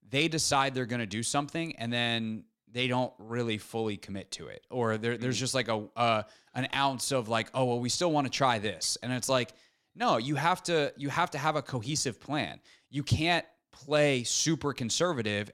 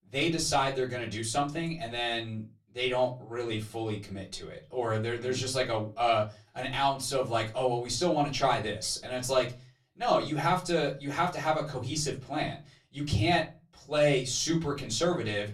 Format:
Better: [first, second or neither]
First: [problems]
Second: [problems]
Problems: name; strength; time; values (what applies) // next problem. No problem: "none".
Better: first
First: none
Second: off-mic speech; far // room echo; very slight; dies away in 0.3 s